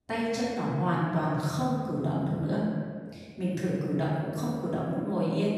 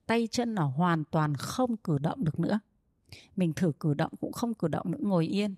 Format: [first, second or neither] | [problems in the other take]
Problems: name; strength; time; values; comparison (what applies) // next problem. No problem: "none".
second | room echo; strong; dies away in 1.7 s // off-mic speech; far